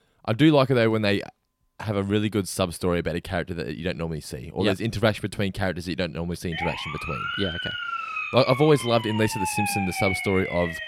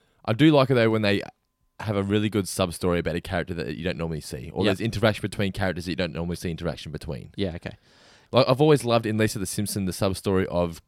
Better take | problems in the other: second | siren; noticeable; from 6.5 s on; peak 2 dB below the speech

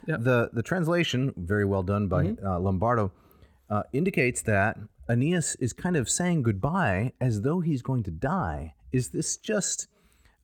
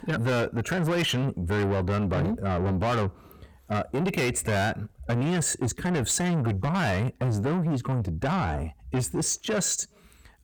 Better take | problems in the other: first | distortion; heavy; 8 dB below the speech

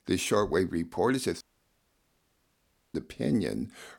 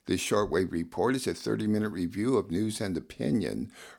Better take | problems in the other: second | audio cutting out; at 1.5 s for 1.5 s

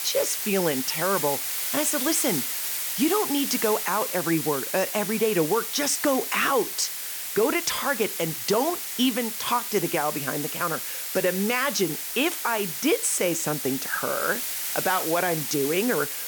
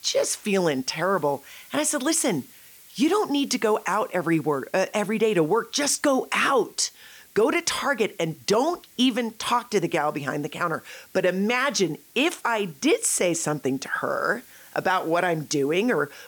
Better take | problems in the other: second | hiss; loud; throughout; 2 dB below the speech; faint in the second

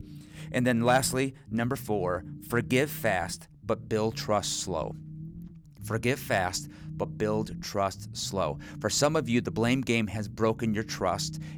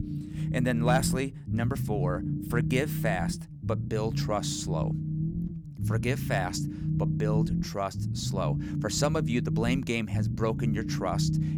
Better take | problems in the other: first | low rumble; loud; throughout; 8 dB below the speech; faint in the first

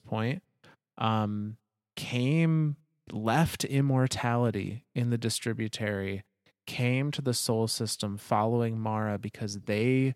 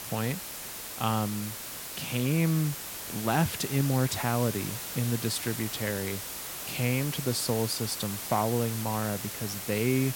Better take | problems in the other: first | hiss; loud; throughout; 5 dB below the speech

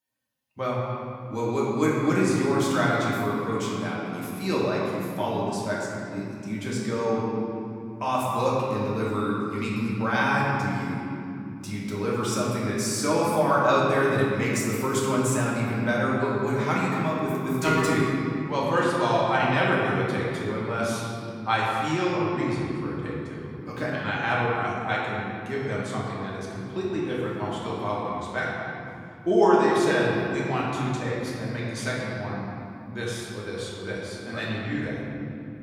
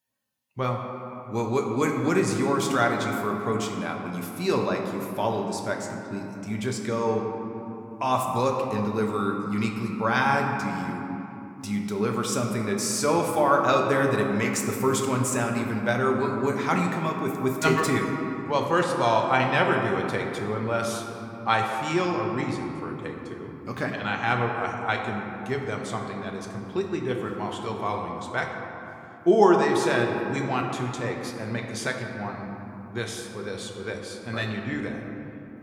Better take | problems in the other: second | room echo; strong; dies away in 3 s; slight in the second // off-mic speech; far

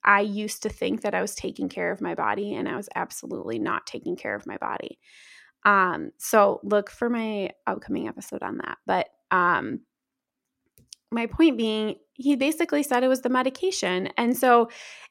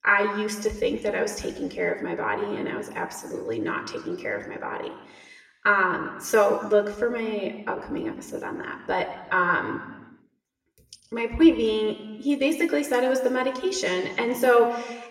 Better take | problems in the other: first | room echo; slight; dies away in 1 s // off-mic speech; somewhat distant

